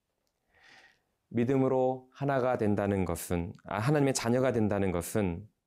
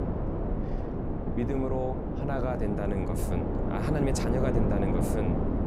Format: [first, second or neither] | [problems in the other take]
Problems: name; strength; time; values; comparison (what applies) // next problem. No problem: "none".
first | wind noise on the microphone; heavy; 1 dB below the speech